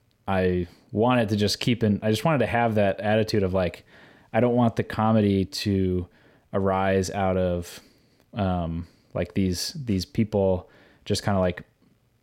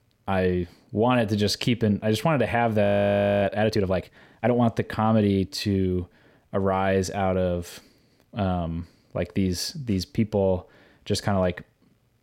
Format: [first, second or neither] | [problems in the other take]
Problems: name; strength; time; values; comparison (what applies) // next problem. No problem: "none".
first | audio freezing; at 3 s for 0.5 s